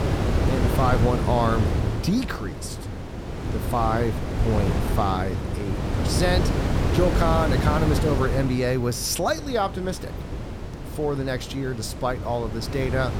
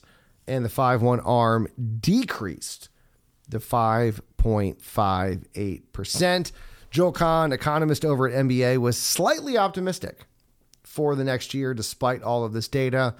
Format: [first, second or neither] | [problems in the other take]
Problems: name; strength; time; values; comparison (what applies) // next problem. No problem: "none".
second | wind noise on the microphone; heavy; 6 dB below the speech